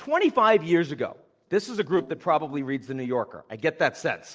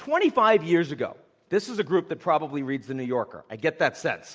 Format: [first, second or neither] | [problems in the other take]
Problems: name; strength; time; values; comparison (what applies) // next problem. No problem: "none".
second | noise reduction (neural separator model SepFormer DNS4)